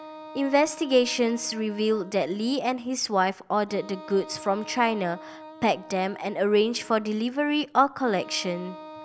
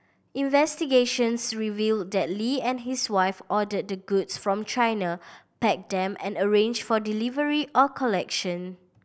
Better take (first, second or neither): second